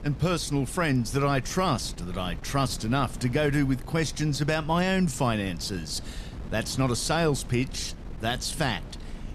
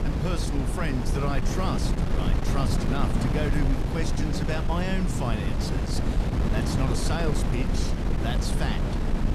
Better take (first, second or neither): first